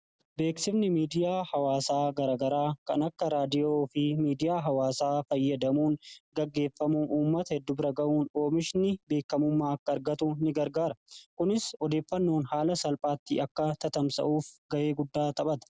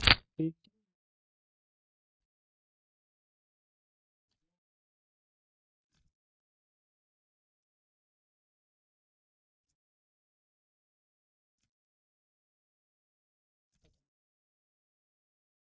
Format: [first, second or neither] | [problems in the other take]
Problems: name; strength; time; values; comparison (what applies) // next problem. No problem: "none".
first | noise reduction (neural mask model DeepFilterNet 3)